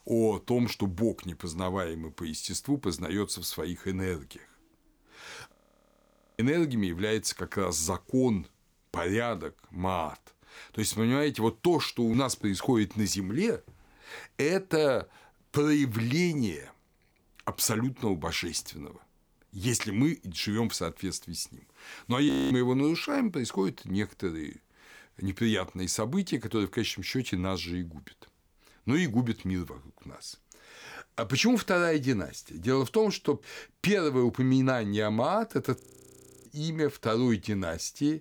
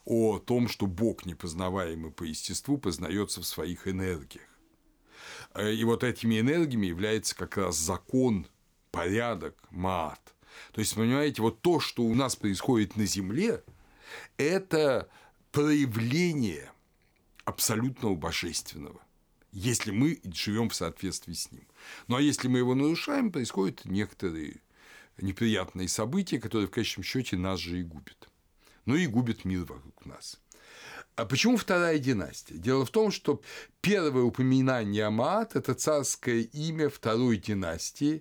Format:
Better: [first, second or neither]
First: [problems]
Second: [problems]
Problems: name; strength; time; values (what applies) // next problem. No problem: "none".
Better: second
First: audio freezing; at 5.5 s for 1 s, at 22 s and at 36 s for 0.5 s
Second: none